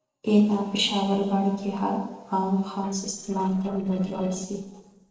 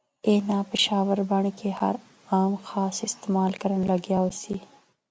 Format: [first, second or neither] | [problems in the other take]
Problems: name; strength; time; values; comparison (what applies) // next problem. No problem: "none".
second | noise reduction (neural separator model SepFormer DNS4)